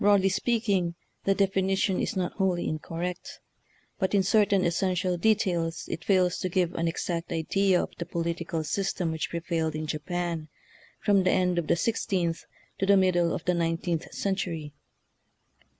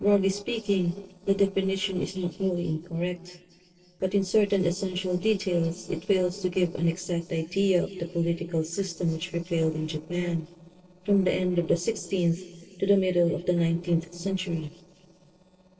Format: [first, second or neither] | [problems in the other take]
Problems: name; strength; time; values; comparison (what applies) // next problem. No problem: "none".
first | noise reduction (neural separator model SepFormer DNS4)